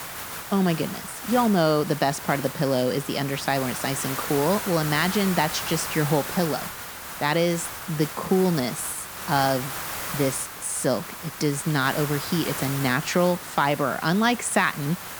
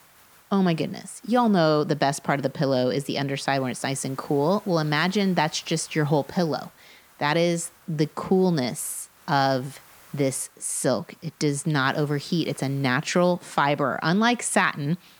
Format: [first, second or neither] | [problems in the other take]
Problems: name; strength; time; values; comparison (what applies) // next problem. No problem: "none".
second | hiss; loud; throughout; 7 dB below the speech; faint in the second